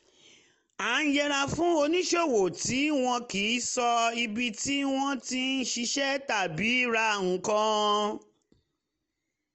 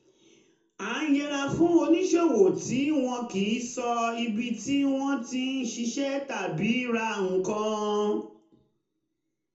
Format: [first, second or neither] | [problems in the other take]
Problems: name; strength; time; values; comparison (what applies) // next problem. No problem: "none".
first | room echo; dies away in 0.5 s